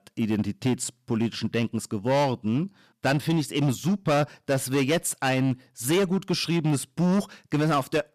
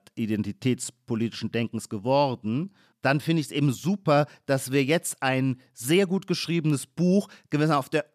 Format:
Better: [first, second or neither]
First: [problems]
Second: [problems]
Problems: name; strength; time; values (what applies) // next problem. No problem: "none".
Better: second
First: distortion; slight; 11% of the sound clipped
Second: none